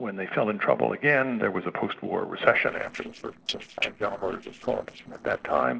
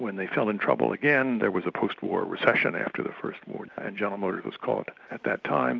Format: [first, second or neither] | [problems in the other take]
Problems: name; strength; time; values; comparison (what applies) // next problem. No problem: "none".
second | noise reduction (neural separator model SepFormer DNS4)